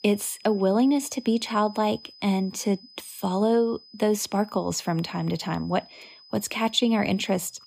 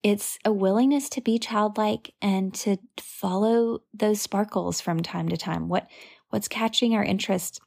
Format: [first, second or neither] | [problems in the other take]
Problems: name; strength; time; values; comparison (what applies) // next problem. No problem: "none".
second | high-pitched whine; faint; throughout; 5 kHz, 20 dB below the speech